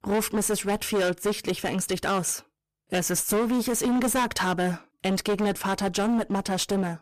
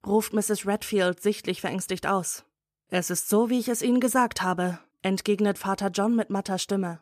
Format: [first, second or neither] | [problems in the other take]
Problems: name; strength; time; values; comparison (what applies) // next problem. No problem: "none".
second | distortion; heavy; 19% of the sound clipped